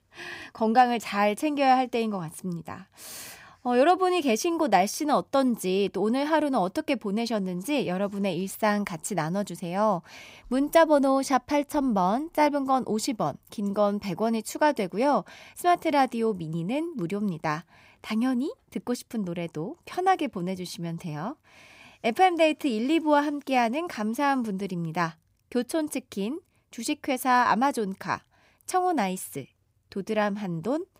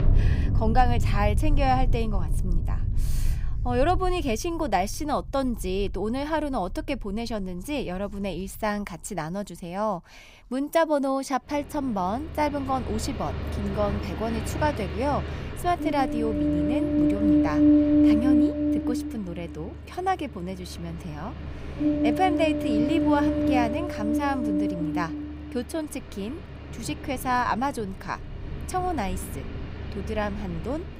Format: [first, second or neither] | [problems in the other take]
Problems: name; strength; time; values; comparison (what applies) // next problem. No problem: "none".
first | rain or running water; very loud; throughout; 2 dB above the speech